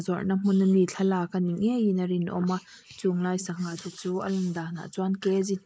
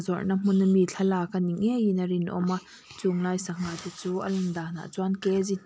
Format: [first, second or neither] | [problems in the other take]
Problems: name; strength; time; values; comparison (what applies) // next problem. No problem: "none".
second | noise reduction (neural mask model Resemble Enhance denoiser)